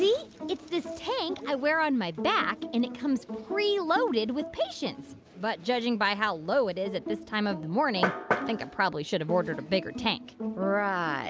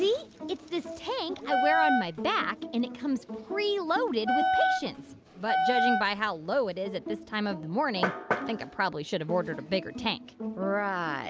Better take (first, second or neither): first